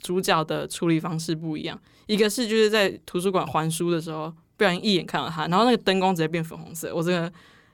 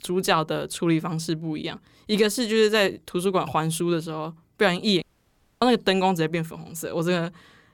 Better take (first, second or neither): first